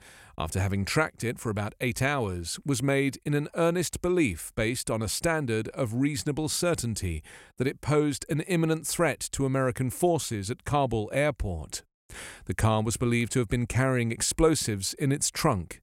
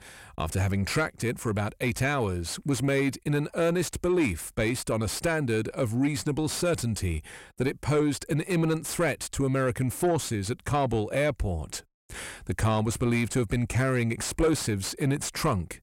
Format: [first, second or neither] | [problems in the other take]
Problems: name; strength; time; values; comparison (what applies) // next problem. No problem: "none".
first | distortion; slight; 10 dB below the speech